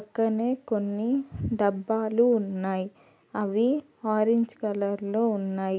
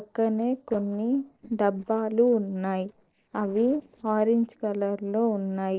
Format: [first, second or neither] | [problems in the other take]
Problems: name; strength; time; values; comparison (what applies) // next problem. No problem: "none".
first | noise reduction (neural separator model SepFormer DNS4)